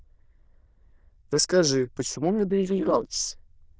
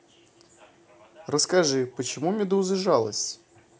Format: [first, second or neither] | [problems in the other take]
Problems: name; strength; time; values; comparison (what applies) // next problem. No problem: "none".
second | noise reduction (neural diffusion model UNIVERSE++)